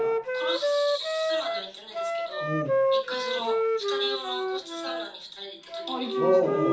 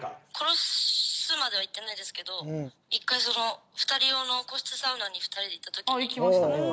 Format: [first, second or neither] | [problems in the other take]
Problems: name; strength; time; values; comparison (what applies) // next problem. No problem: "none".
second | background sound (Wind instrument, woodwind instrument); 3 dB above the speech // room echo; dies away in 0.6 s